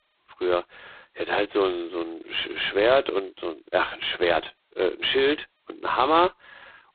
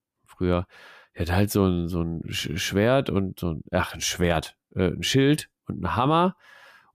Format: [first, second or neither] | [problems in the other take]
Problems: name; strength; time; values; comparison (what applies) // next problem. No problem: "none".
second | phone-call audio; poor line